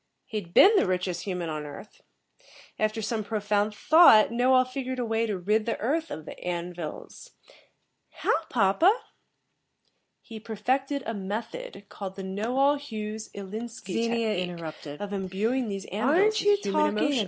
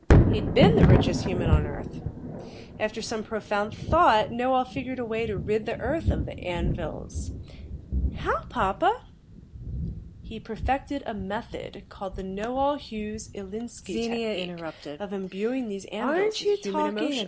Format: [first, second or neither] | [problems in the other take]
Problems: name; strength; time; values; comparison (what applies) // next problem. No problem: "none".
first | background sound (Thunder); as loud as the speech